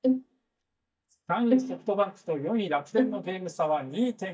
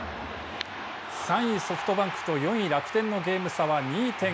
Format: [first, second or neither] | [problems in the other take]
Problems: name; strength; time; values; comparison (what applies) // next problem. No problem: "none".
second | noise reduction (neural mask model DeepFilterNet 3)